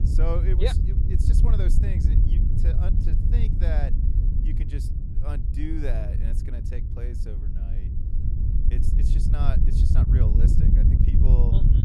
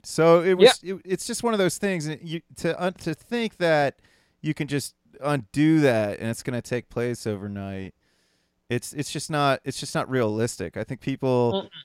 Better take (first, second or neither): second